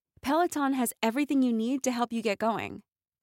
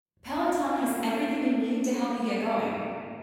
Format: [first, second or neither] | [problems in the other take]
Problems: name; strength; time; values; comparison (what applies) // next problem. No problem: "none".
first | off-mic speech; far // room echo; strong; dies away in 2.5 s